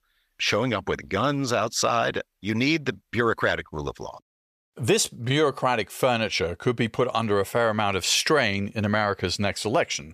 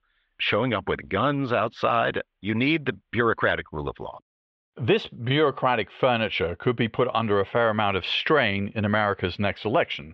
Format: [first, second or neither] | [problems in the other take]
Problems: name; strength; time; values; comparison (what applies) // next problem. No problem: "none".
first | muffled; very; fading above 3.5 kHz